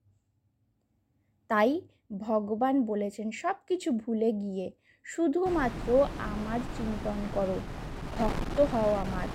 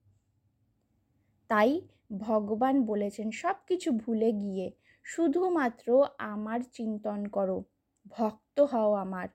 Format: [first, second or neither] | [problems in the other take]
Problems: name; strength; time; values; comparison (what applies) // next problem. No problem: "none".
second | wind noise on the microphone; heavy; from 5.5 s on; 10 dB below the speech